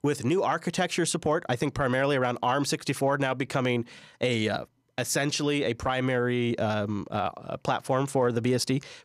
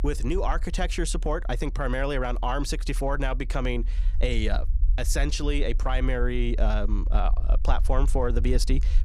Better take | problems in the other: first | low rumble; faint; throughout; 20 dB below the speech

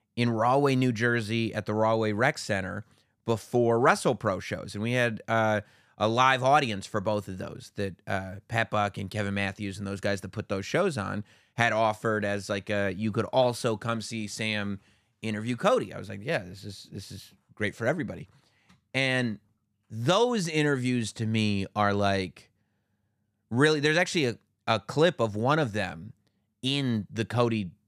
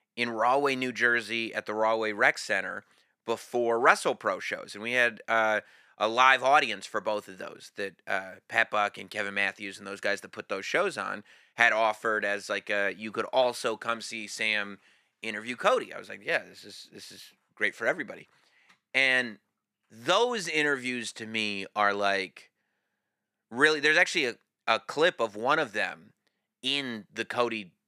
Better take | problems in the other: first | thin; somewhat; fading below 350 Hz

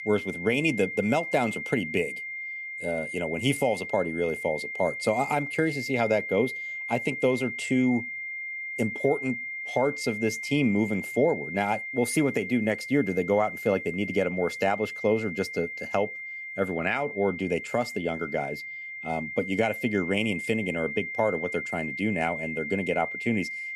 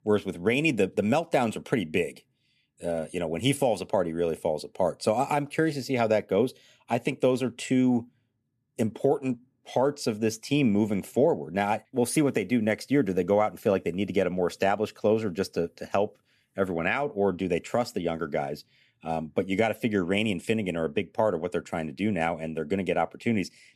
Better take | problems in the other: second | high-pitched whine; loud; throughout; 2 kHz, 6 dB below the speech

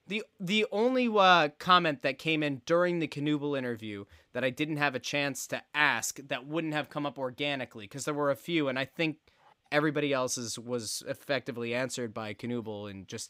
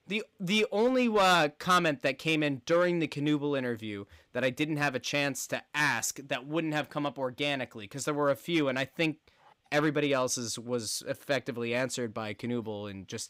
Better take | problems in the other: first | distortion; slight; 2% of the sound clipped

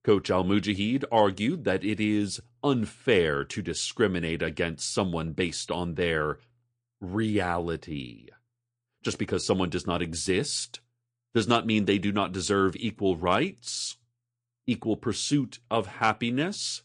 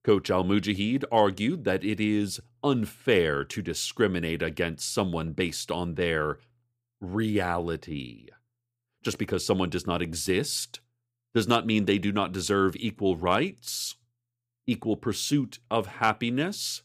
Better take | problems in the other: second | garbled, watery; slightly; nothing above 9 kHz

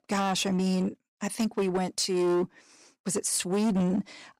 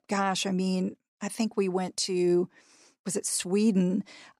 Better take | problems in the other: second | distortion; slight; 13% of the sound clipped

